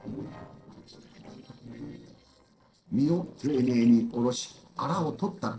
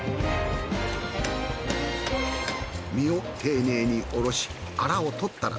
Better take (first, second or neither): second